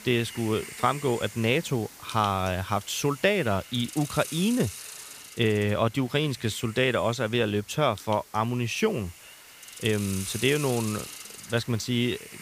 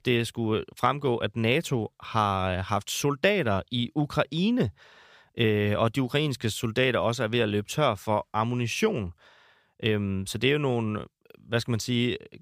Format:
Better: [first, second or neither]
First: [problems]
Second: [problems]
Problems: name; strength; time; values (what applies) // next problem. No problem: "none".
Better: second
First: hiss; noticeable; throughout; 15 dB below the speech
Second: none